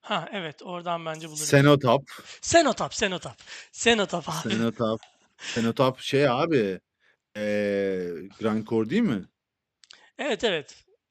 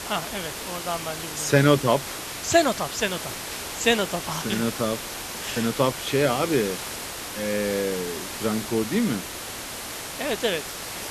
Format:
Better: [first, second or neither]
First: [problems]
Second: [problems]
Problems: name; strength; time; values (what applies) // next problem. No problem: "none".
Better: first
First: none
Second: hiss; loud; throughout; 7 dB below the speech